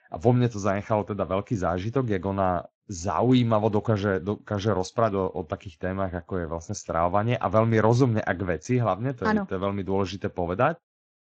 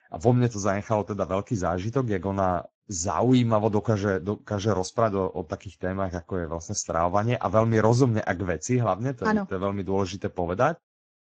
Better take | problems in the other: first | garbled, watery; badly; slightly in the first

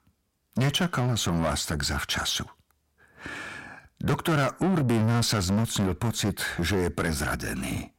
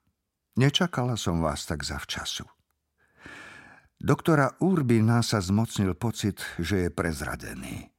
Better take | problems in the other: second | distortion; heavy; 6 dB below the speech

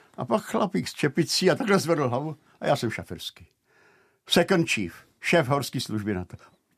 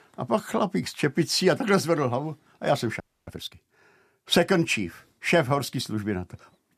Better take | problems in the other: first | audio freezing; at 3 s

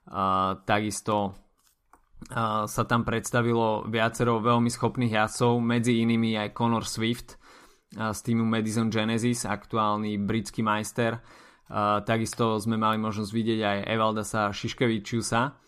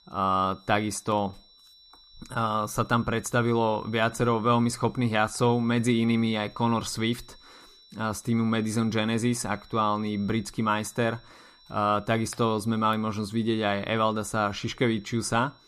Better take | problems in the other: first | high-pitched whine; faint; throughout; 4 kHz, 25 dB below the speech

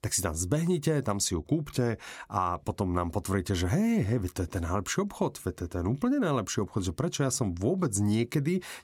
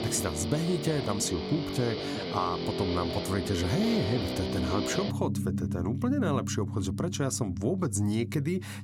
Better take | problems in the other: first | background music; loud; throughout; 3 dB below the speech

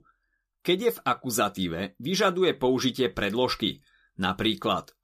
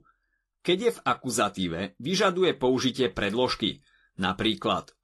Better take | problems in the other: first | garbled, watery; slightly; nothing above 11.5 kHz

